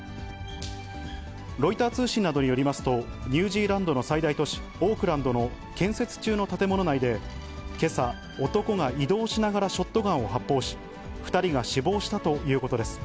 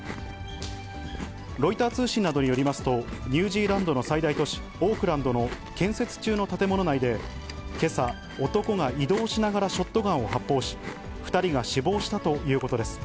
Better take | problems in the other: first | background sound (Chewing, mastication); 16 dB below the speech

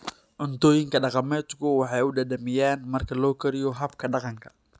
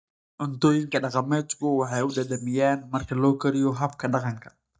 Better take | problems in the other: first | noise reduction (neural mask model DeepFilterNet 3)

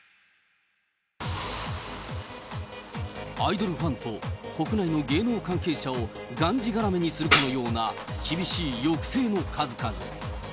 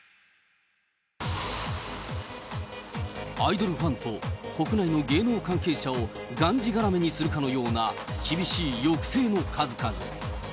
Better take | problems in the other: second | background sound (Tambourine); as loud as the speech

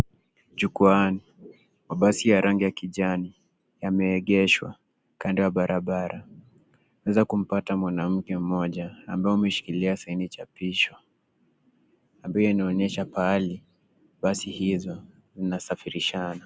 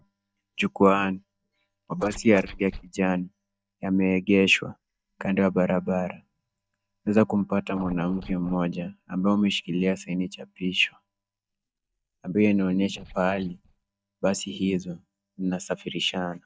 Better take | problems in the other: first | noise reduction (neural mask model DeepFilterNet 3)

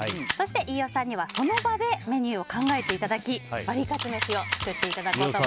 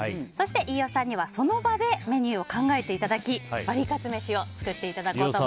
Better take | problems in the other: second | background sound (Camera); 7 dB below the speech

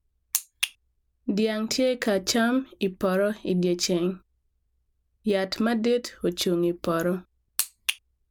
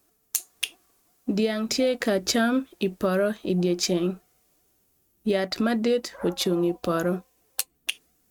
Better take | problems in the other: first | noise reduction (neural mask model RNNoise)

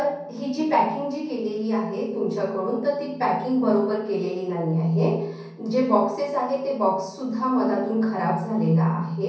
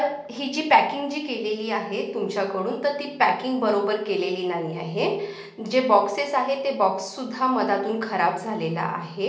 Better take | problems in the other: second | room echo; dies away in 0.6 s

